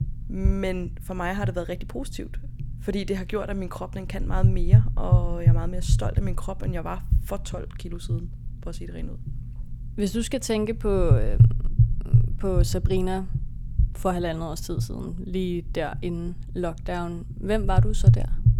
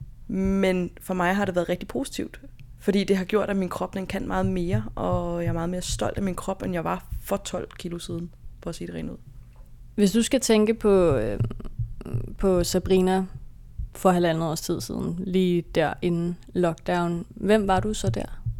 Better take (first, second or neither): second